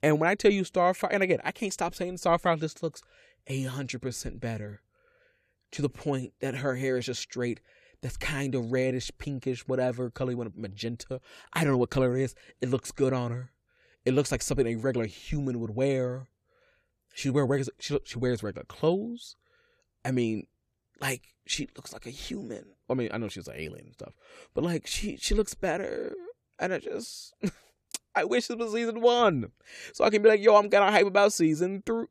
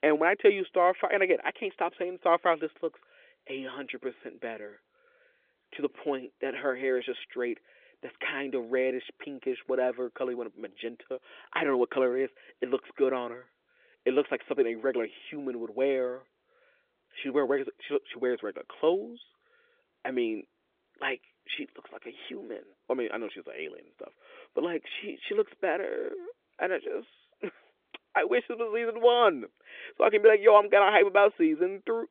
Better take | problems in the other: first | phone-call audio; nothing above 3.5 kHz

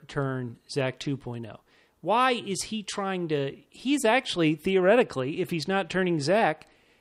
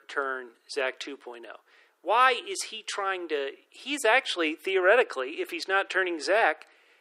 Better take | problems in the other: first | thin; very; fading below 350 Hz

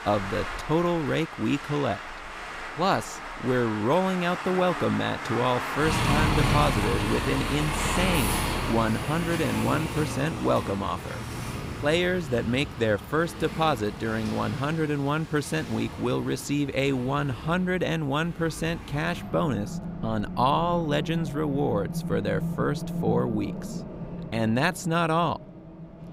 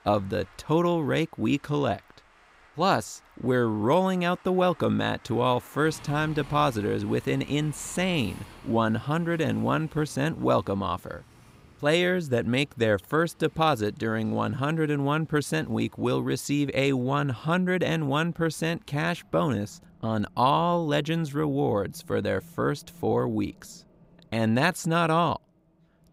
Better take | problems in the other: second | traffic noise; loud; throughout; 5 dB below the speech; faint in the second

